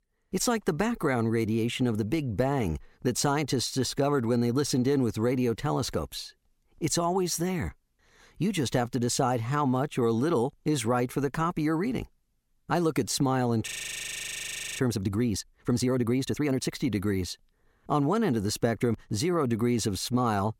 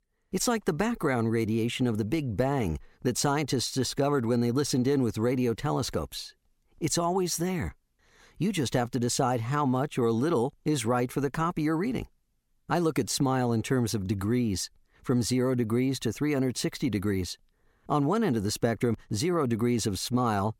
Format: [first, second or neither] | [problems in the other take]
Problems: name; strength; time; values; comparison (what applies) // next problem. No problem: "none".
second | audio freezing; at 14 s for 1 s